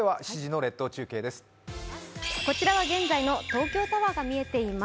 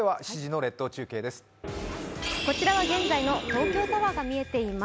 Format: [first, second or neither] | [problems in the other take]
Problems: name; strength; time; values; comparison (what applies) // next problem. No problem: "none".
first | background sound (Subway, metro, underground); 6 dB below the speech